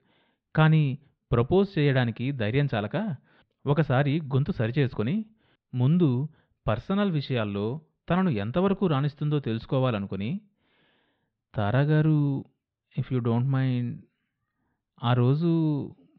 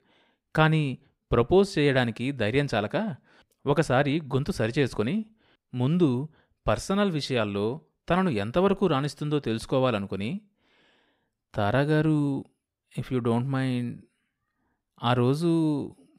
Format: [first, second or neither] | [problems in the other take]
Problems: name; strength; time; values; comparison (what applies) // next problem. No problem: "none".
second | muffled; slightly; fading above 4 kHz